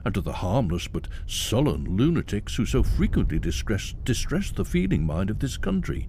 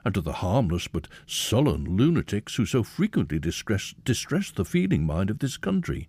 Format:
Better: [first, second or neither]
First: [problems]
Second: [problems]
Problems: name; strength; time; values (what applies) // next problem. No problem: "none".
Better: second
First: wind noise on the microphone; occasional gusts; 20 dB below the speech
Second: none